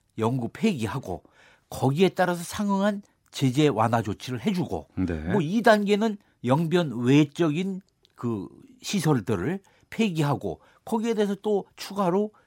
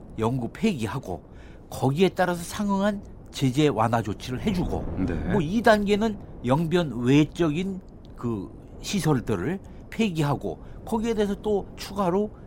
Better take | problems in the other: first | wind noise on the microphone; occasional gusts; 20 dB below the speech

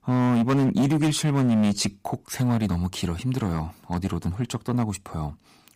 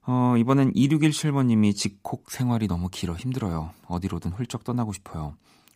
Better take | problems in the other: second | distortion; slight; 10% of the sound clipped

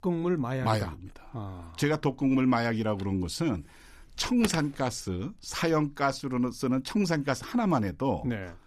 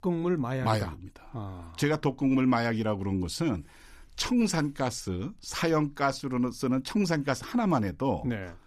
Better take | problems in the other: second | phone ringing; noticeable; from 3 to 4.5 s; peak 7 dB below the speech

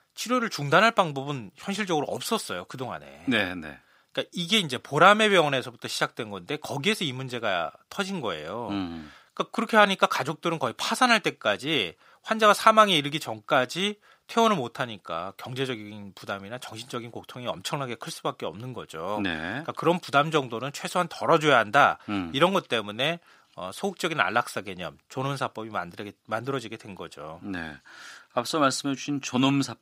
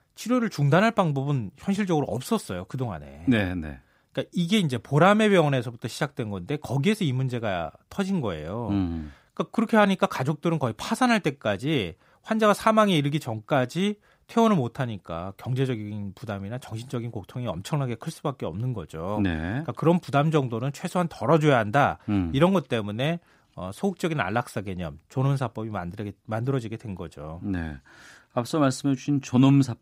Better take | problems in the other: second | thin; somewhat; fading below 1 kHz

